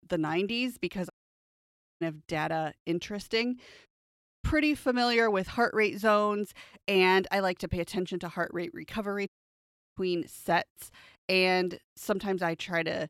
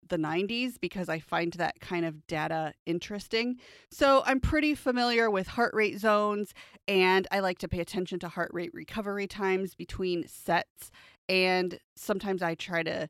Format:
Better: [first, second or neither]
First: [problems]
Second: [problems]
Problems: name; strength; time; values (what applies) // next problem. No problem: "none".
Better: second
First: audio cutting out; at 1 s for 1 s, at 4 s for 0.5 s and at 9.5 s for 0.5 s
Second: none